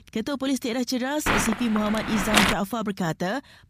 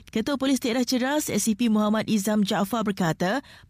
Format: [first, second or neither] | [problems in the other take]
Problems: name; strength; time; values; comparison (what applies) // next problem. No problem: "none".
second | wind noise on the microphone; heavy; from 1.5 to 2.5 s; 4 dB above the speech